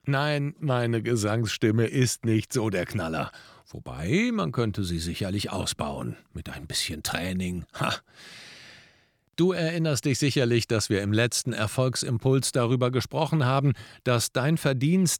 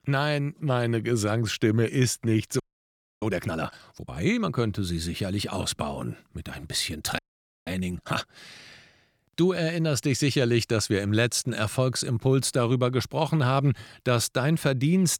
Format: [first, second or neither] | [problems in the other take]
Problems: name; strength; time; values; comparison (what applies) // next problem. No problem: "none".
first | audio freezing; at 2.5 s for 0.5 s and at 7 s